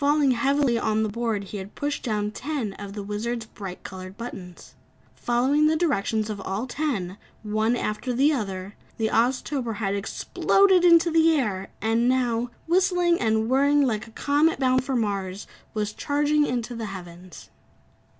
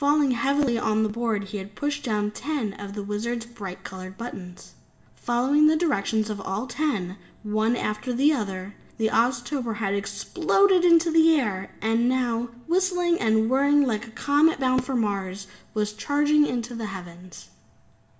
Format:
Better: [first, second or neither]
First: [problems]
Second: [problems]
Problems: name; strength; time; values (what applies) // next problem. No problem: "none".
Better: first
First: none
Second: room echo; dies away in 0.7 s